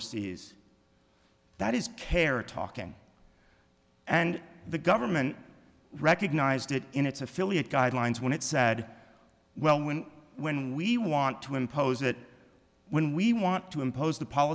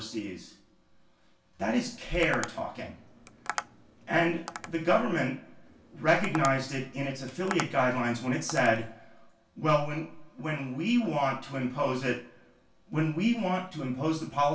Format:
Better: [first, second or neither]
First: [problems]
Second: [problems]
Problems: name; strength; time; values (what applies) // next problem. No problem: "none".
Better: first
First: none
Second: background sound (Tap); 12 dB below the speech // room echo; dies away in 0.3 s